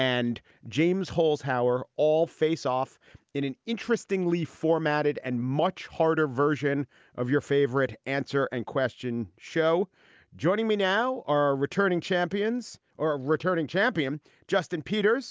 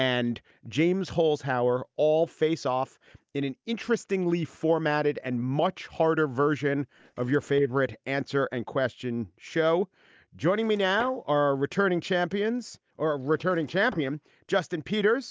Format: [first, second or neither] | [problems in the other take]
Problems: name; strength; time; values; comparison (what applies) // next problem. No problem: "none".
first | noise reduction (neural mask model DeepFilterNet 3)